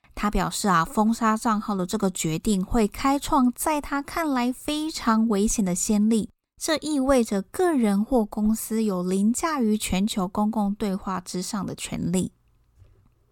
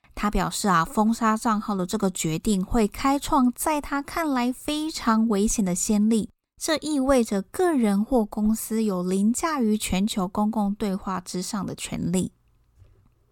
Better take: neither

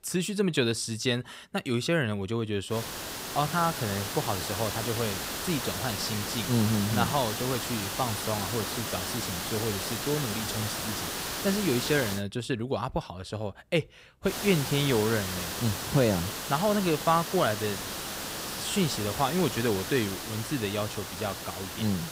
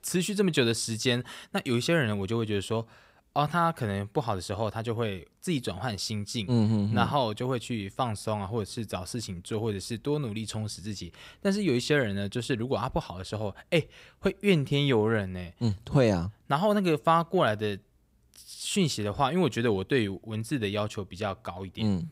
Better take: second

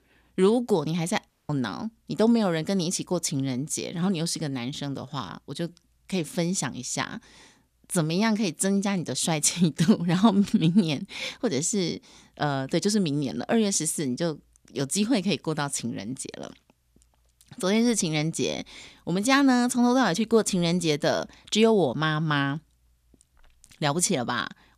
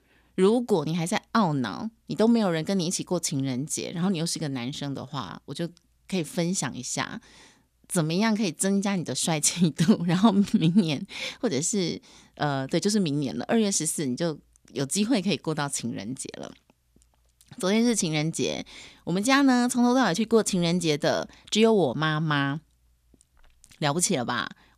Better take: second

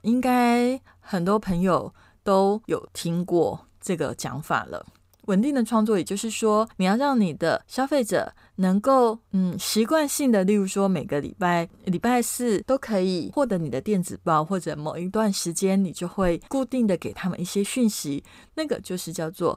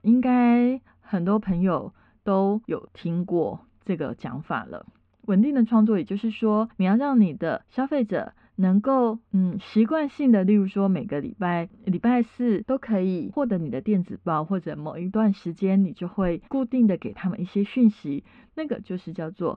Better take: first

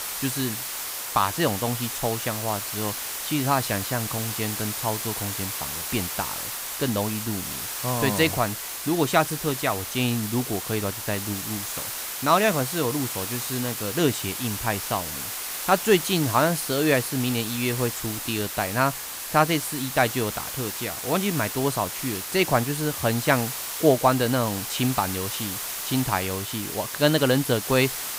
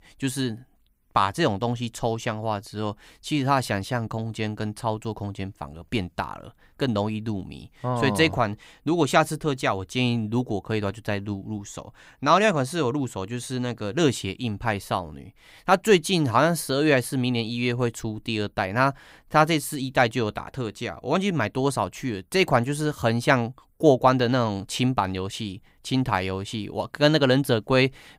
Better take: second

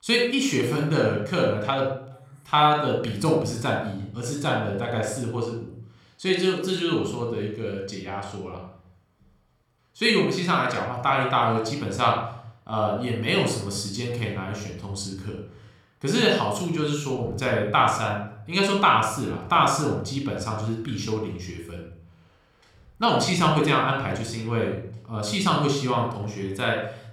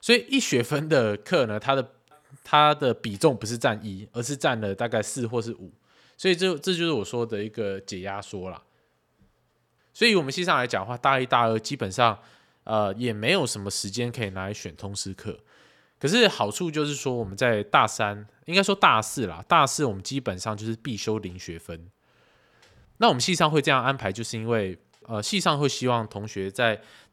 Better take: second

